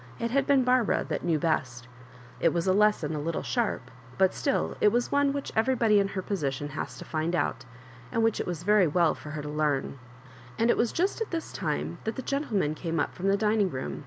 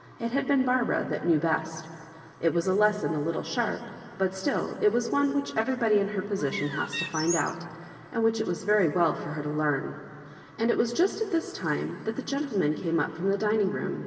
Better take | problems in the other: first | background sound (Bird); 8 dB below the speech // room echo; dies away in 2.6 s

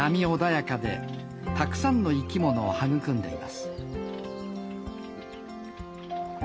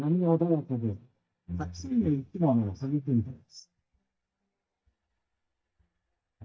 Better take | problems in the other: first | noise reduction (neural mask model DeepFilterNet 3)

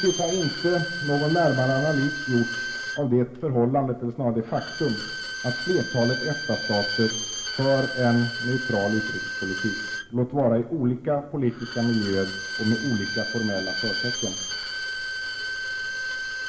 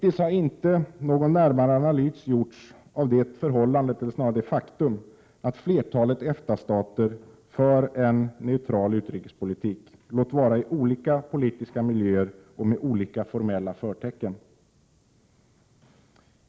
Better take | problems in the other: second | background sound (Bowed string instrument); 6 dB below the speech // room echo; dies away in 0.8 s

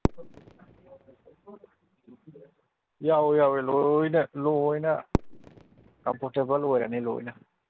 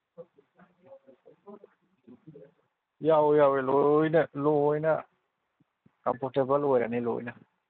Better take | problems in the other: second | background sound (Fireworks); 10 dB below the speech

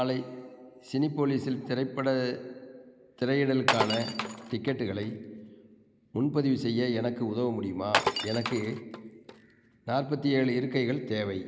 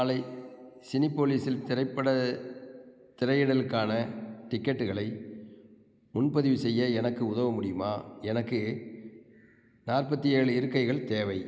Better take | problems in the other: second | background sound (Glass); 4 dB below the speech

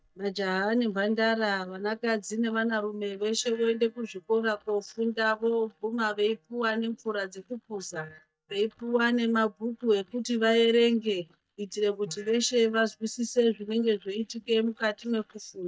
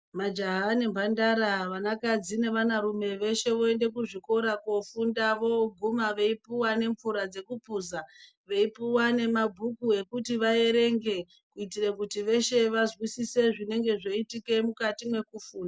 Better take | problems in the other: second | noise reduction (neural mask model DeepFilterNet 3)

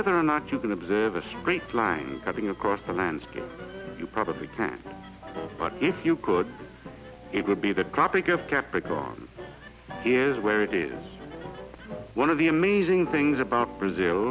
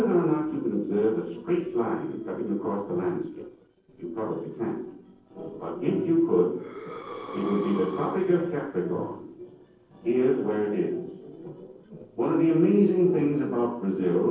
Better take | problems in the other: first | noise reduction (neural separator model SepFormer DNS4)

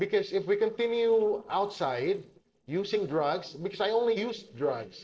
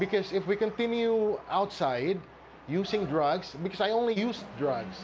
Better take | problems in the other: second | noise reduction (neural separator model SepFormer DNS4)

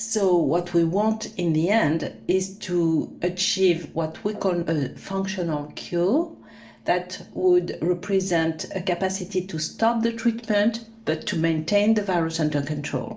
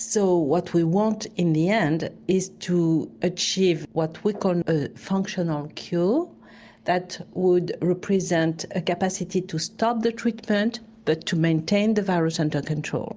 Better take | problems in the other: second | room echo; dies away in 0.4 s

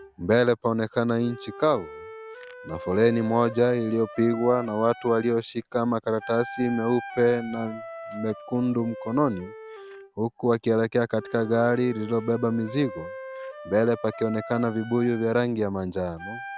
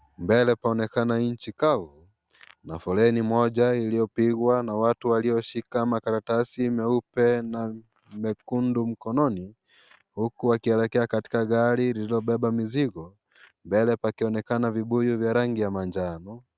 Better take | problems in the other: second | background sound (Wind instrument, woodwind instrument); 15 dB below the speech

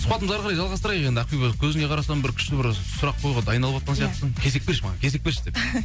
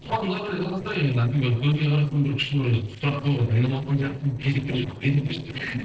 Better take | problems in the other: first | noise reduction (neural separator model SepFormer DNS4)

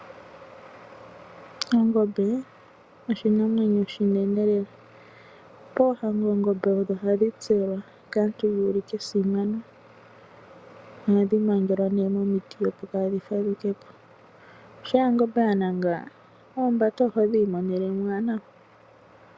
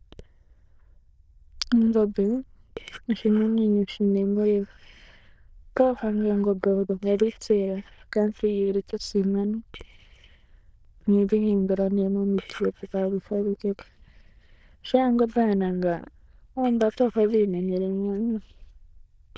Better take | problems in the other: first | noise reduction (neural diffusion model UNIVERSE++)

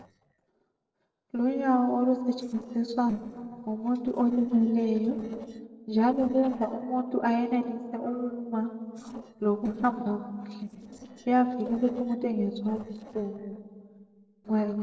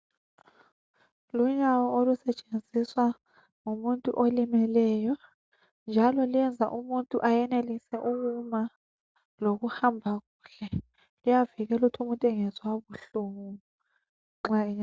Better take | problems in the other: second | noise reduction (neural separator model SepFormer DNS4)

